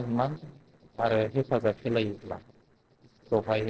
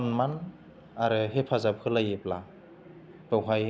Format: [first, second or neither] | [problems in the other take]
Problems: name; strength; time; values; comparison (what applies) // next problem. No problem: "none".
second | noise reduction (neural separator model SepFormer DNS4)